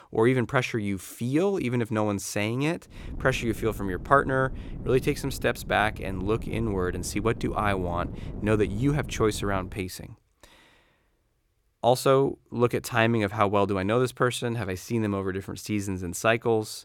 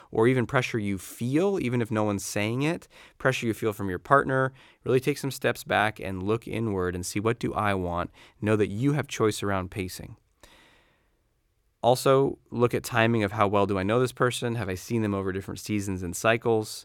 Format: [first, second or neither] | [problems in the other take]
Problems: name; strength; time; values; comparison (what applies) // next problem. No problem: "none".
second | wind noise on the microphone; occasional gusts; from 3 to 9.5 s; 20 dB below the speech